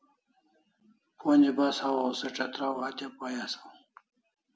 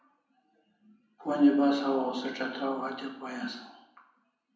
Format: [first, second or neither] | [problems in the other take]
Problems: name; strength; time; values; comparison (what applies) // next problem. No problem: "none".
first | room echo; dies away in 0.7 s